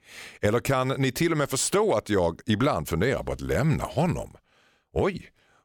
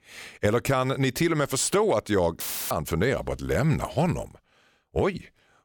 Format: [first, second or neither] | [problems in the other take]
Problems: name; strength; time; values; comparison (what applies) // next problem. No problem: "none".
first | audio cutting out; filled with static; at 2.5 s